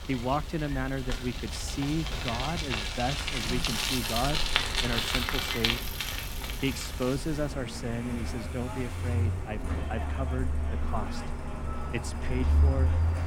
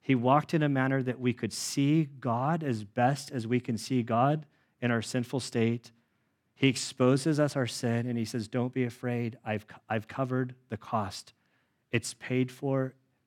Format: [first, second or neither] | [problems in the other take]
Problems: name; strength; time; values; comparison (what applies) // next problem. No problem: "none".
second | traffic noise; very loud; throughout; 3 dB above the speech